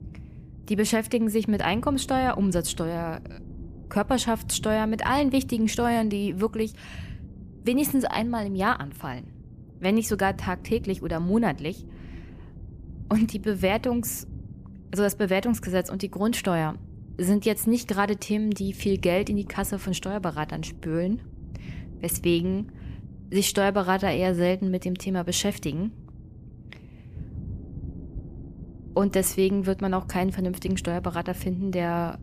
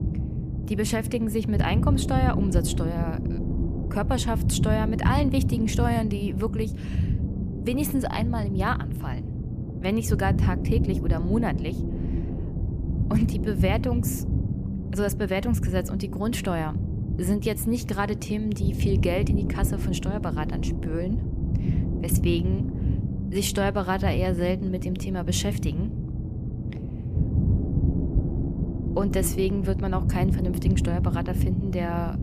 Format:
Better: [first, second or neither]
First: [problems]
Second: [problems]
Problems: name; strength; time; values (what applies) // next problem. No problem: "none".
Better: first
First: low rumble; faint; throughout; 25 dB below the speech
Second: low rumble; loud; throughout; 7 dB below the speech